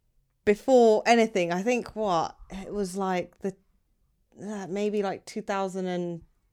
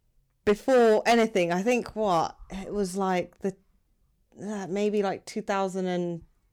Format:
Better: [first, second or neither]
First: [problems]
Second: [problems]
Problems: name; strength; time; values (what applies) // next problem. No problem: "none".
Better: first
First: none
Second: distortion; slight; 3% of the sound clipped